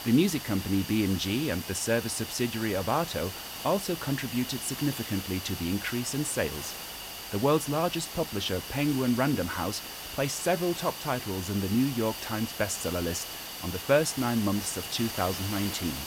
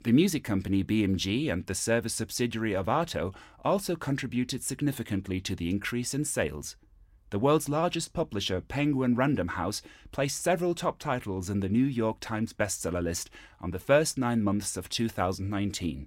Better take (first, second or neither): second